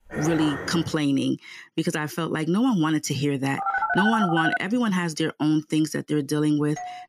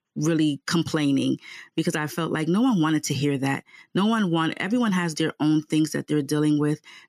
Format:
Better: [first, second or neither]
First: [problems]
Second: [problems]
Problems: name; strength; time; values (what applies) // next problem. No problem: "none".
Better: second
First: dog barking; noticeable; at the start; peak 6 dB below the speech // phone ringing; loud; at 3.5 s; peak 1 dB above the speech // doorbell; very faint; at 7 s; peak 10 dB below the speech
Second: none